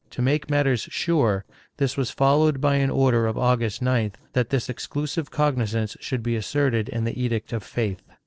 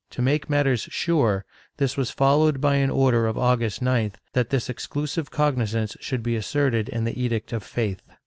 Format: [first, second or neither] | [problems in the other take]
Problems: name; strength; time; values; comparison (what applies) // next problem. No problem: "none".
second | noise reduction (neural separator model SepFormer DNS4)